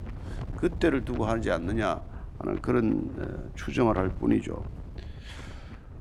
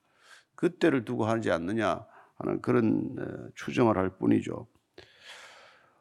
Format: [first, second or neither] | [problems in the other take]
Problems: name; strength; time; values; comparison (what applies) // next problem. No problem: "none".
second | wind noise on the microphone; occasional gusts; 20 dB below the speech